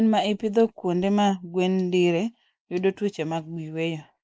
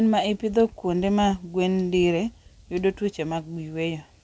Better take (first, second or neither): second